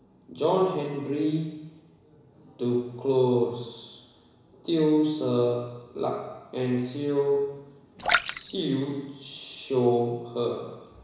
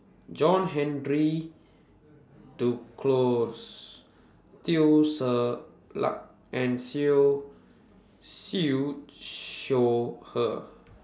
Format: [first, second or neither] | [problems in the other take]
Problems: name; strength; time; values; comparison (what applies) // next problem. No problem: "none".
second | background sound (Splash, splatter); 5 dB below the speech // room echo; dies away in 1 s